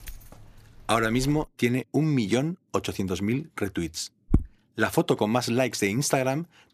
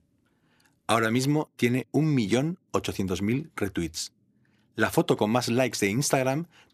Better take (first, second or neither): second